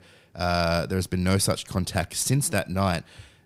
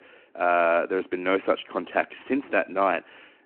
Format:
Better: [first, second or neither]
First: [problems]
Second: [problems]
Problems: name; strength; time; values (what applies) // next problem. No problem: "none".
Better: first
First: none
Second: phone-call audio